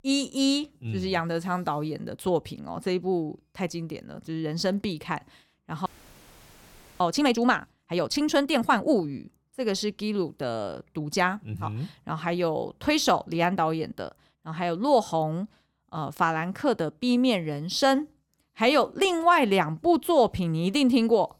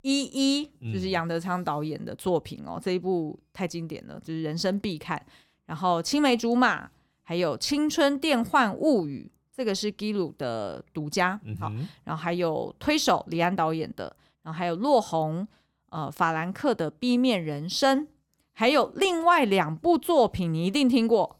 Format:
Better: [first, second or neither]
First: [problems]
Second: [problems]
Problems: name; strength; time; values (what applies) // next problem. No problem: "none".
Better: second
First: audio freezing; at 6 s for 1 s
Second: none